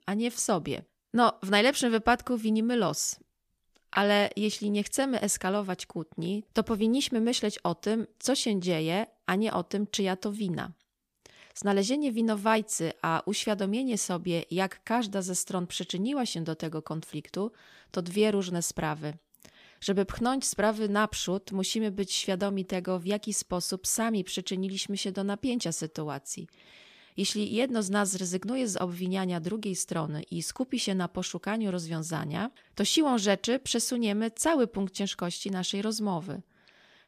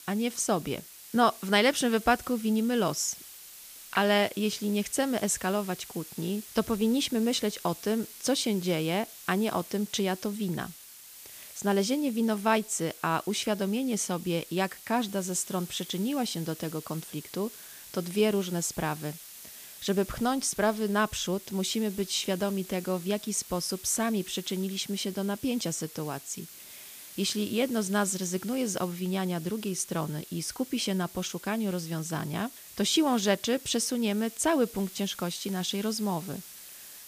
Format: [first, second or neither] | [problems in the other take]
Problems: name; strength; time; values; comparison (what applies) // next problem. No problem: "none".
first | hiss; noticeable; throughout; 15 dB below the speech